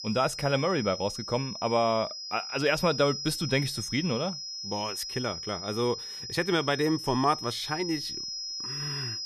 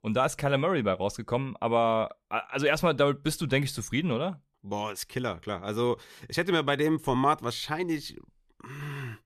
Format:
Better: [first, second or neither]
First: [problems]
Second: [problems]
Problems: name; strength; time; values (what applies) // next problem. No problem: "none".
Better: second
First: high-pitched whine; loud; throughout; 5 kHz, 6 dB below the speech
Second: none